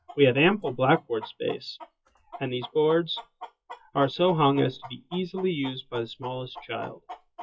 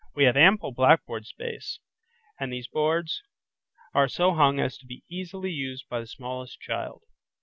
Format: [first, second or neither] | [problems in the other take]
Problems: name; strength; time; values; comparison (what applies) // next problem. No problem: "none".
second | noise reduction (classical method WPE with log-MMSE)